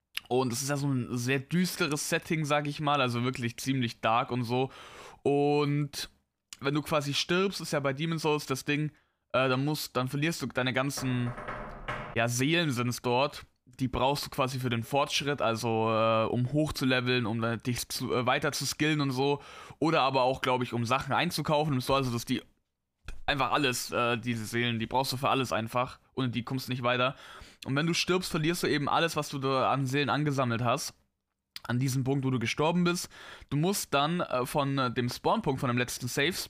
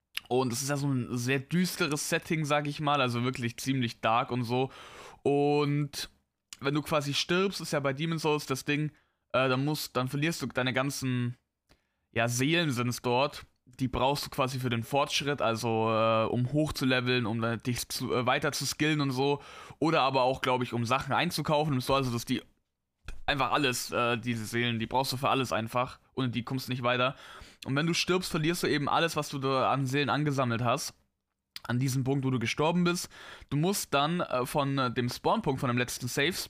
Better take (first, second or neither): second